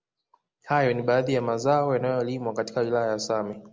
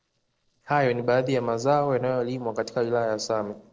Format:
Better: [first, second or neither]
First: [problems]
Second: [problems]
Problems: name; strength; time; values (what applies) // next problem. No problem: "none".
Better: first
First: none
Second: noise reduction (neural separator model SepFormer DNS4)